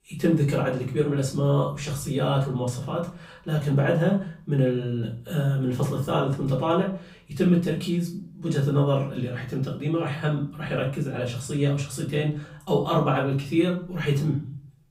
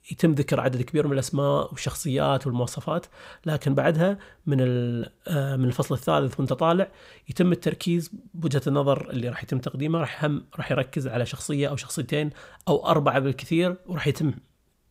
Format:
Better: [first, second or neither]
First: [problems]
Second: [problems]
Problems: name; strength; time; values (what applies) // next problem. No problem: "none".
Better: second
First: room echo; slight; dies away in 0.4 s // off-mic speech; far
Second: none